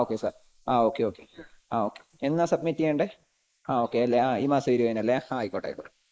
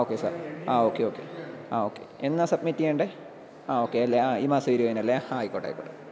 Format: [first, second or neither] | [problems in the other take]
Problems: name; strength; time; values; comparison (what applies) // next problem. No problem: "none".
second | noise reduction (neural mask model Resemble Enhance denoiser)